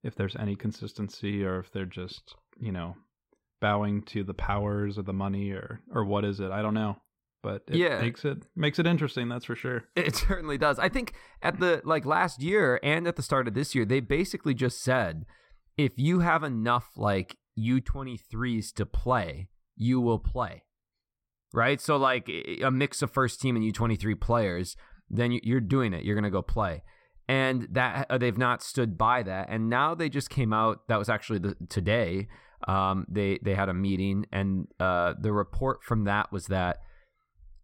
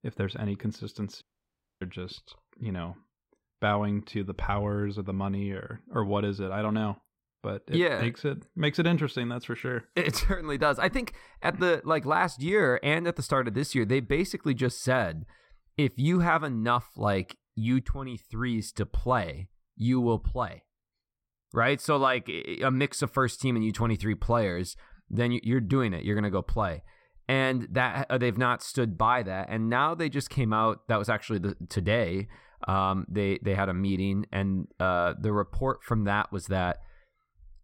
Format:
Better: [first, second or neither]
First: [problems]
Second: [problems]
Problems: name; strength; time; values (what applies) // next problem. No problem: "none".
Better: first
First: none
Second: audio cutting out; at 1 s for 0.5 s